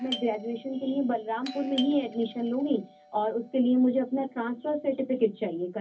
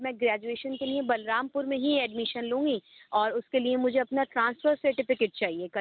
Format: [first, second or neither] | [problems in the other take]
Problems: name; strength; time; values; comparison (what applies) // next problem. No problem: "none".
second | background sound (Doorbell); 17 dB below the speech // room echo; dies away in 0.3 s